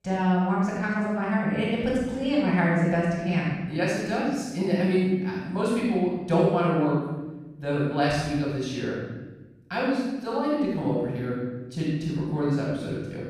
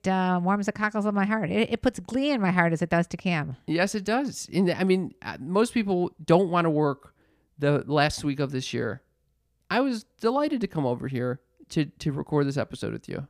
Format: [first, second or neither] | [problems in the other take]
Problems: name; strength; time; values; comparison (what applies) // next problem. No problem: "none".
second | off-mic speech; far // room echo; strong; dies away in 1.1 s